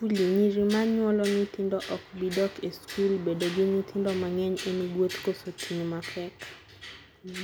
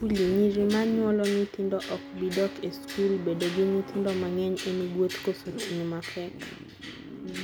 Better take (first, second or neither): first